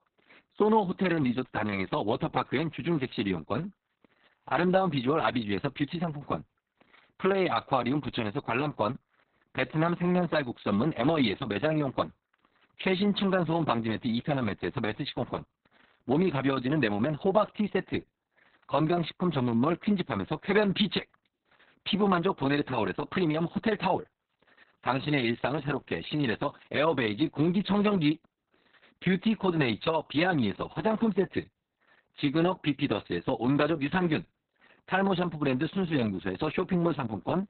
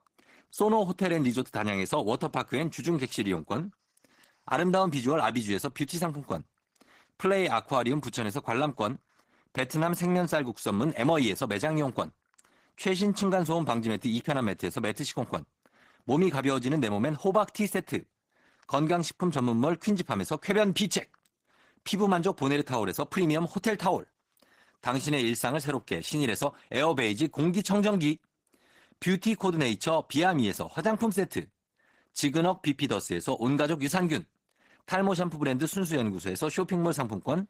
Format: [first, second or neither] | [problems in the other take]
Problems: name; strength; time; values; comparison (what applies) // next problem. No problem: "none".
second | garbled, watery; badly; nothing above 4 kHz; slightly in the second